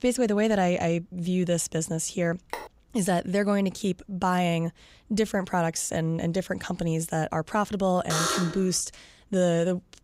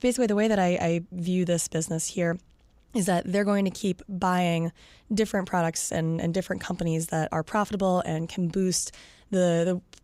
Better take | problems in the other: second | phone ringing; faint; at 2.5 s; peak 10 dB below the speech // alarm; loud; at 8 s; peak 1 dB above the speech

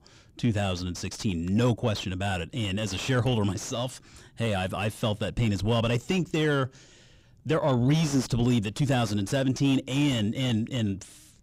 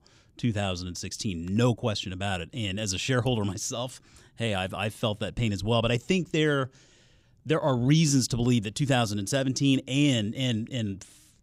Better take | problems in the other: second | distortion; slight; 10 dB below the speech

